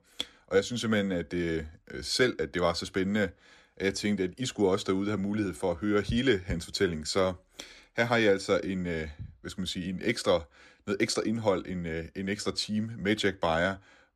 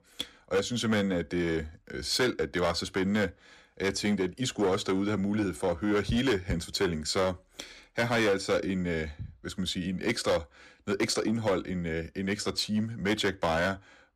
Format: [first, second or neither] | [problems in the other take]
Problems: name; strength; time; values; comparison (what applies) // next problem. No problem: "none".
first | distortion; slight; 7% of the sound clipped